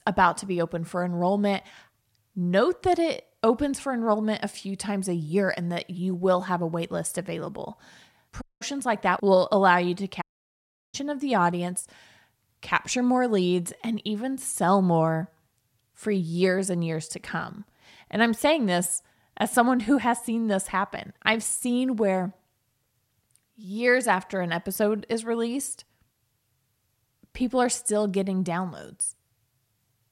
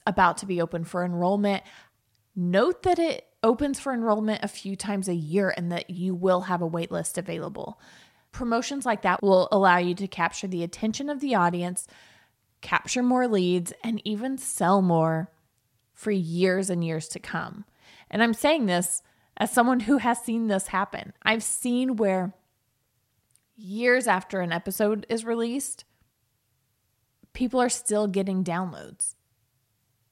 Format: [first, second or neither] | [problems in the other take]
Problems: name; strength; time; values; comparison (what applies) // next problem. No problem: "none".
second | audio cutting out; at 8.5 s and at 10 s for 0.5 s